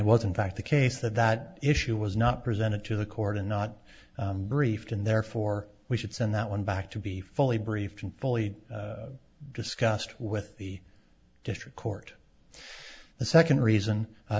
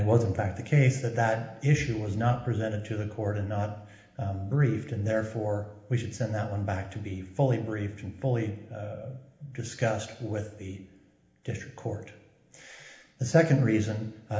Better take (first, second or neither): first